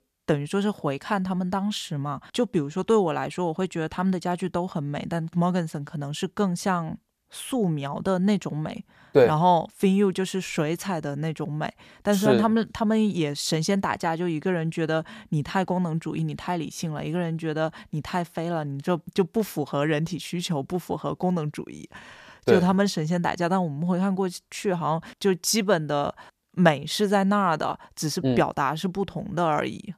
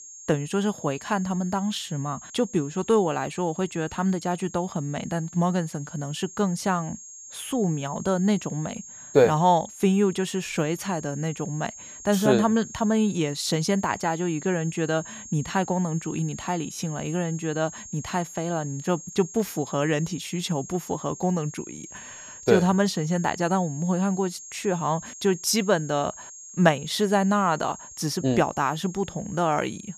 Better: first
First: none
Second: high-pitched whine; noticeable; throughout; 6.5 kHz, 15 dB below the speech

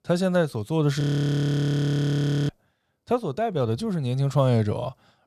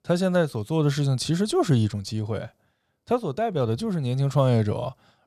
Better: second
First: audio freezing; at 1 s for 1.5 s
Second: none

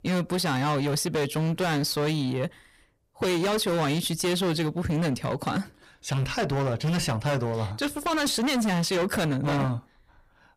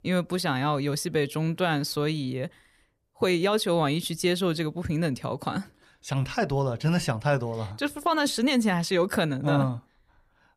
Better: second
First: distortion; heavy; 26% of the sound clipped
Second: none

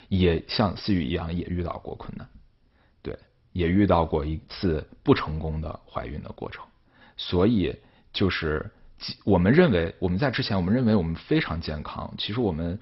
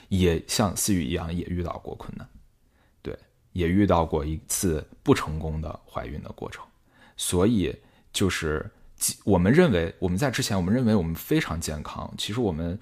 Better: second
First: garbled, watery; badly; nothing above 5.5 kHz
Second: none

